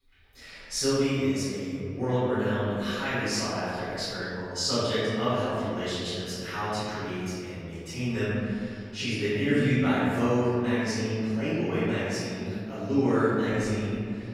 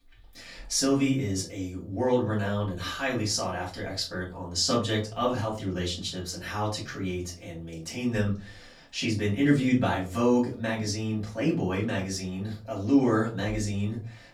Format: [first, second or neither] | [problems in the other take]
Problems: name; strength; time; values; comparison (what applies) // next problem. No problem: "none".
second | room echo; strong; dies away in 2.3 s; slight in the second // off-mic speech; far; far in the second